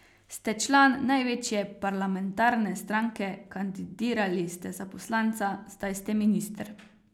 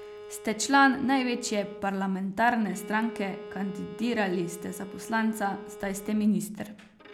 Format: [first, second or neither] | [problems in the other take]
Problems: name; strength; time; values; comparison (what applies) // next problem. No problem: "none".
first | background sound (Bowed string instrument); 15 dB below the speech